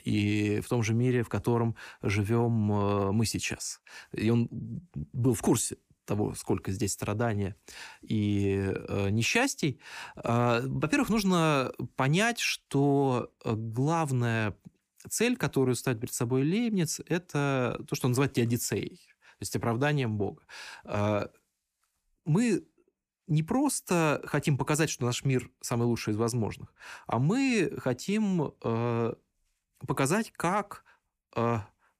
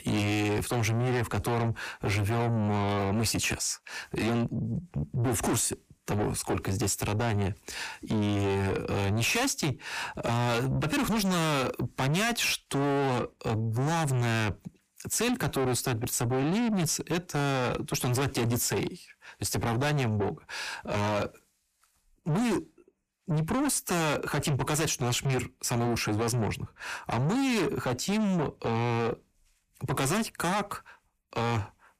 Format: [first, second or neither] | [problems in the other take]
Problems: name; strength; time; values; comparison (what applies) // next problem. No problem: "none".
first | distortion; heavy; 6 dB below the speech